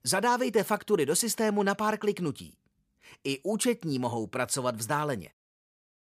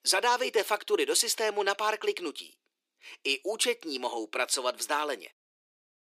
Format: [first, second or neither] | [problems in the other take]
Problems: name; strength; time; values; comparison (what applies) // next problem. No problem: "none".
first | thin; very; fading below 300 Hz